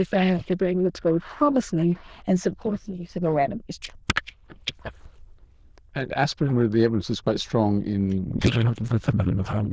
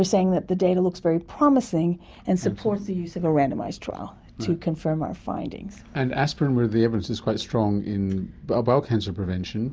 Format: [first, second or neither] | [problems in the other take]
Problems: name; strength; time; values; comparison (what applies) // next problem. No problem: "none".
second | noise reduction (neural diffusion model UNIVERSE++)